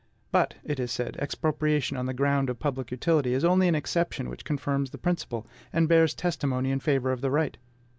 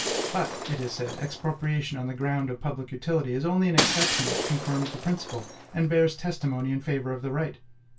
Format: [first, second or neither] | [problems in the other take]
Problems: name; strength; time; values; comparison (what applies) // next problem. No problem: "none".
first | background sound (Shatter); 4 dB below the speech // room echo; dies away in 0.2 s